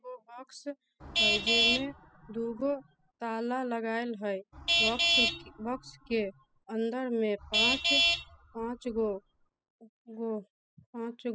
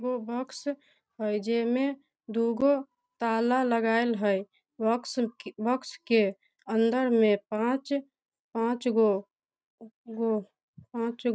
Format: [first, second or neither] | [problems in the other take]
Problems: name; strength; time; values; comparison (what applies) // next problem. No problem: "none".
second | noise reduction (classical method spectral subtraction)